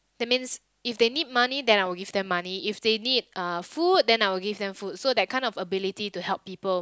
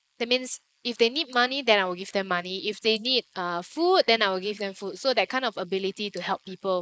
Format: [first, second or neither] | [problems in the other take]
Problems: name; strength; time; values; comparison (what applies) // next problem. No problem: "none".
first | noise reduction (neural mask model Resemble Enhance denoiser)